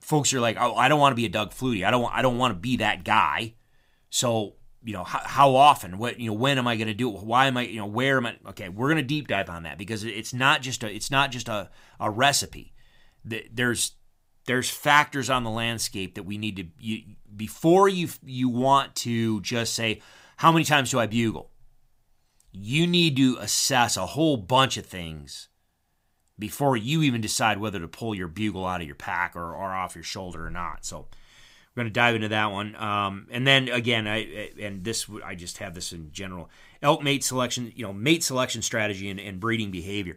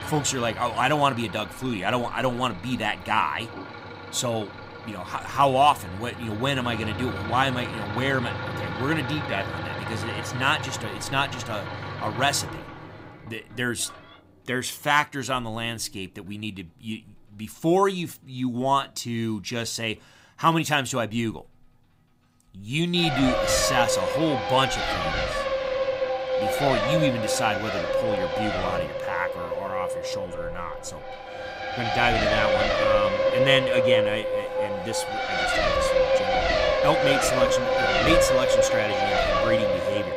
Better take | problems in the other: first | traffic noise; very loud; throughout; 1 dB above the speech

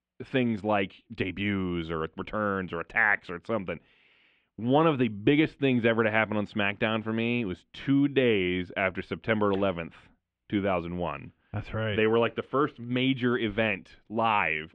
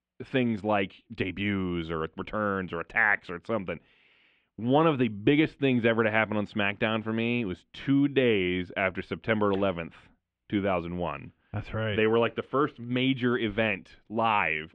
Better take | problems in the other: neither | muffled; very; fading above 3 kHz; the same in both

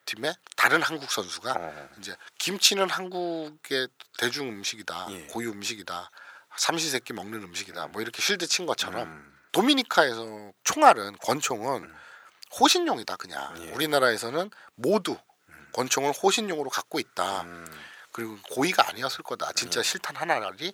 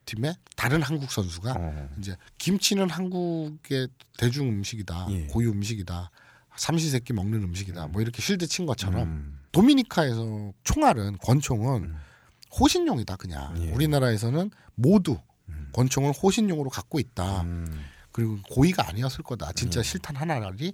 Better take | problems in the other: second | thin; very; fading below 500 Hz

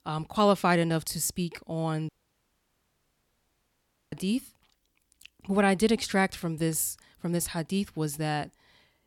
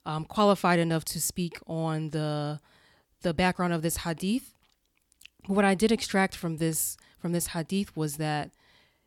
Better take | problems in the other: second | audio cutting out; at 2 s for 2 s

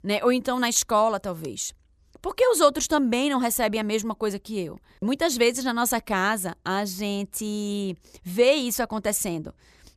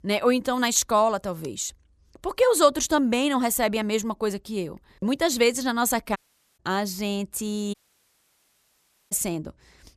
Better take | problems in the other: first | audio cutting out; at 6 s and at 7.5 s for 1.5 s

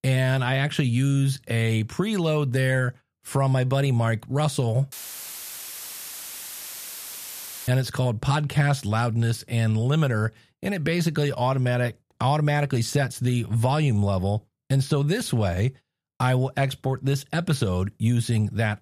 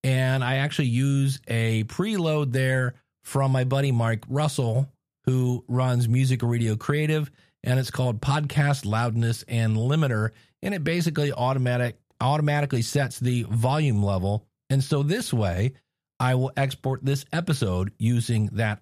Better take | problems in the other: second | audio cutting out; filled with static; at 5 s for 3 s

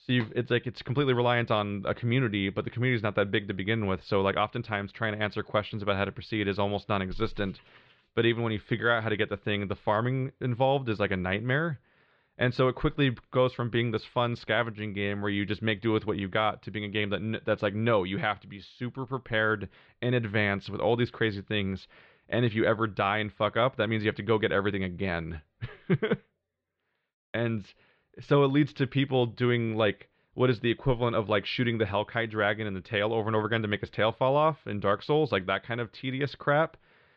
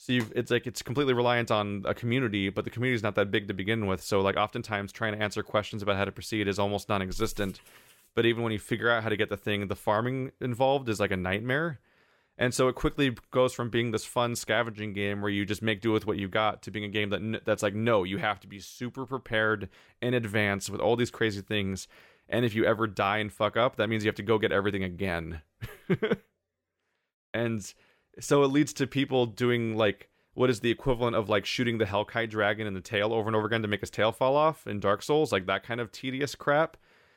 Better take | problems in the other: second | muffled; slightly; fading above 4 kHz

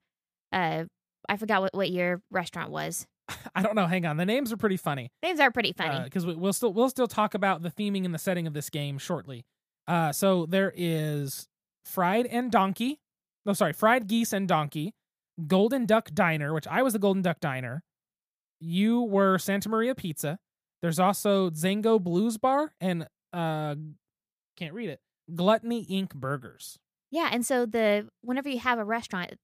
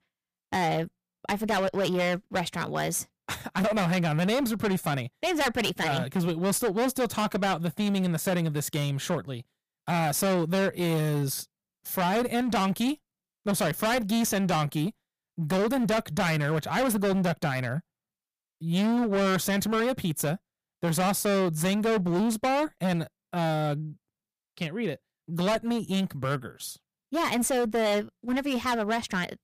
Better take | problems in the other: first | distortion; heavy; 21% of the sound clipped

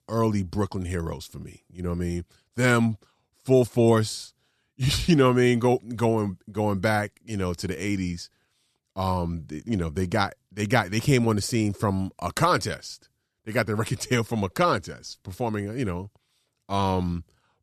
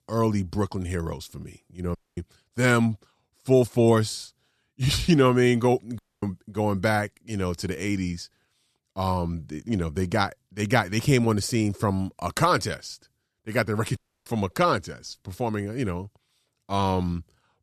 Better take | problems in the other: first | audio cutting out; at 2 s, at 6 s and at 14 s

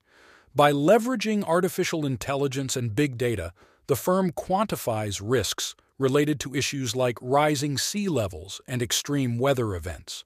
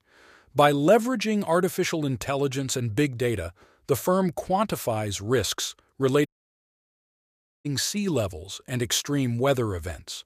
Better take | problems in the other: first | audio cutting out; at 6.5 s for 1.5 s

